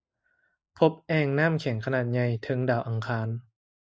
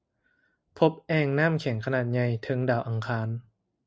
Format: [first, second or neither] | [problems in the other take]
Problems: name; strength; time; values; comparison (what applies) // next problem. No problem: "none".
second | noise reduction (neural mask model Resemble Enhance denoiser)